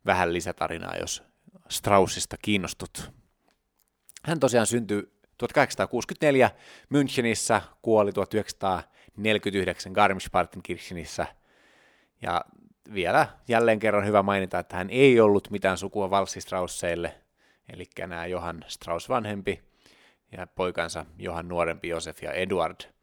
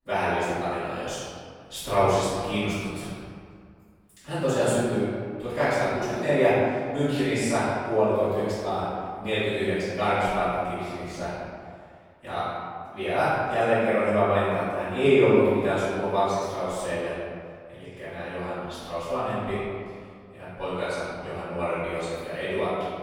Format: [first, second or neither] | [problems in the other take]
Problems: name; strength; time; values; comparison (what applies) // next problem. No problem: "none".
first | room echo; strong; dies away in 1.9 s // off-mic speech; far